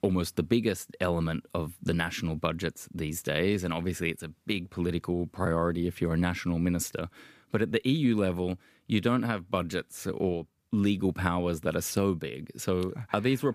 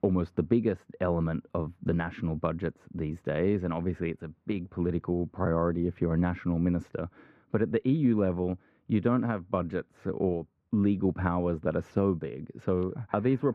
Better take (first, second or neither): first